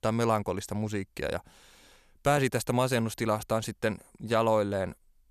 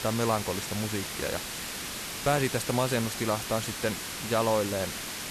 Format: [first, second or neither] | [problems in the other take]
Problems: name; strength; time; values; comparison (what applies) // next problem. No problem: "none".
first | hiss; loud; throughout; 4 dB below the speech